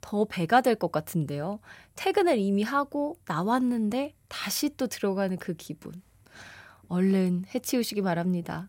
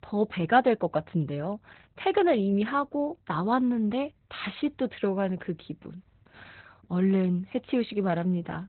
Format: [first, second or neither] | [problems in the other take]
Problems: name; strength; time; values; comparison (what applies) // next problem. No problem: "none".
first | garbled, watery; badly; nothing above 4 kHz